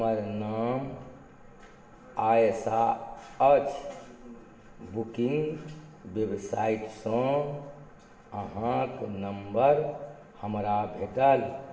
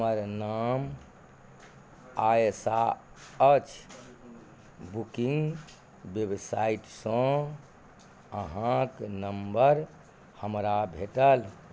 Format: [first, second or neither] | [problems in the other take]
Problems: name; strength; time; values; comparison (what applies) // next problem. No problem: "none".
second | room echo; dies away in 1.1 s